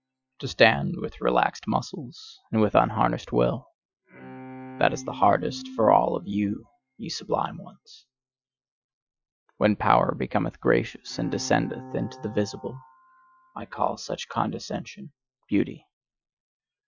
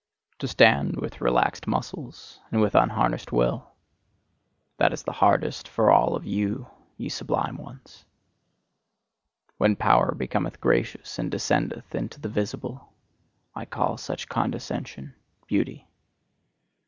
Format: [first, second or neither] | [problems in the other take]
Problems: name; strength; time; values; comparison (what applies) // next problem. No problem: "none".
second | noise reduction (classical method Wiener filter)